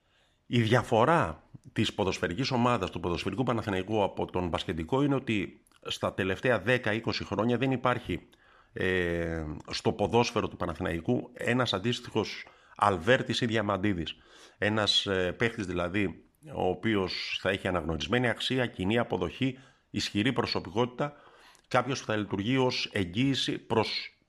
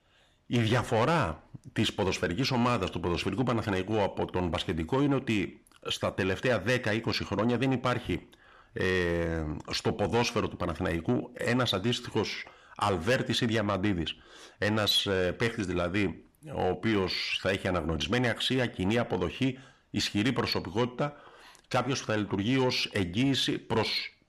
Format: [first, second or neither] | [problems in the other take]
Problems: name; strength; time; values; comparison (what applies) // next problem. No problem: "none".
first | distortion; slight; 10 dB below the speech